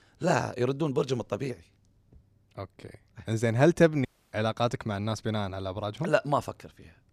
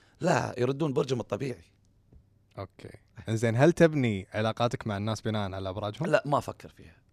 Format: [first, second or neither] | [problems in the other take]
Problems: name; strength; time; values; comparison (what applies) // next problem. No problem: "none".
second | audio cutting out; at 4 s